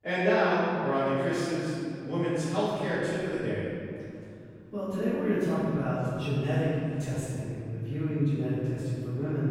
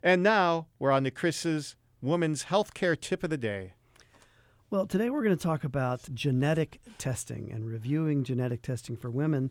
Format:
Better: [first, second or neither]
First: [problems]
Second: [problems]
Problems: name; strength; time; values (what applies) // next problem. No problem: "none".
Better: second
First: off-mic speech; far // room echo; strong; dies away in 2.6 s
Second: none